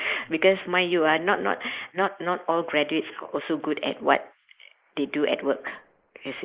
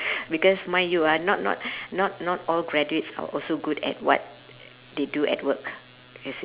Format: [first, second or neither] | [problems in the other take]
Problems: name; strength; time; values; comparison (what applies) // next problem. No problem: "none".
second | noise reduction (neural mask model Resemble Enhance denoiser)